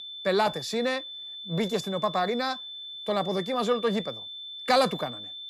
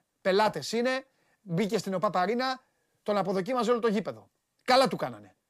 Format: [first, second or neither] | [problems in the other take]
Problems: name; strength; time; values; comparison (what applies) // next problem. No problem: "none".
second | high-pitched whine; loud; throughout; 3.5 kHz, 9 dB below the speech